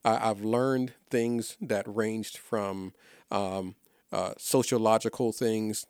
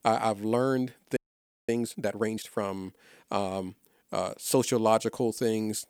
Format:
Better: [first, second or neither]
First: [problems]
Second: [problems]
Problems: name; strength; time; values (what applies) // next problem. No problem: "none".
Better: first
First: none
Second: audio freezing; at 1 s for 0.5 s